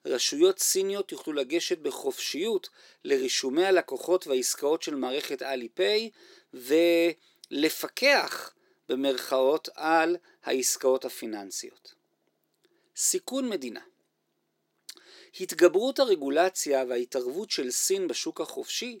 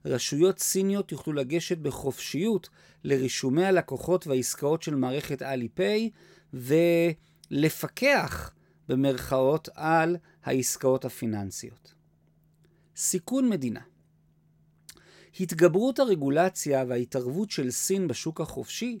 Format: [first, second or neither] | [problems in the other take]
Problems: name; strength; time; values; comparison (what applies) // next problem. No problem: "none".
second | thin; somewhat; fading below 350 Hz